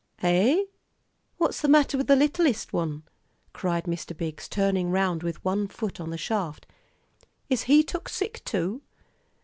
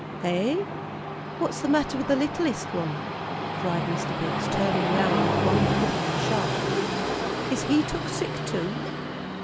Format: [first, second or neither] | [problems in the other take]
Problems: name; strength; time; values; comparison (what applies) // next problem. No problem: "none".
first | background sound (Train); 1 dB above the speech